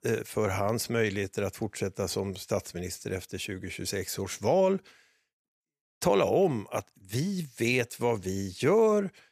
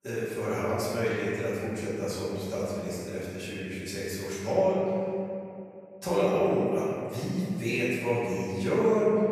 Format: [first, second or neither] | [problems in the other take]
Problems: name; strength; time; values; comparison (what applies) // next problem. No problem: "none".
first | off-mic speech; far // room echo; strong; dies away in 2.4 s